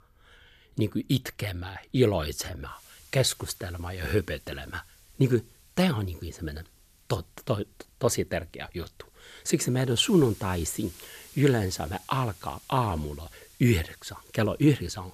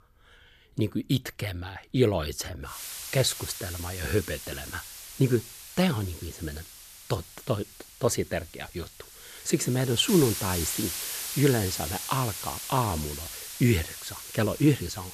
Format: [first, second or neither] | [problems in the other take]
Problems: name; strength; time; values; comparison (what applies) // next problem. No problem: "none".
first | hiss; loud; from 2.5 s on; 7 dB below the speech; faint in the first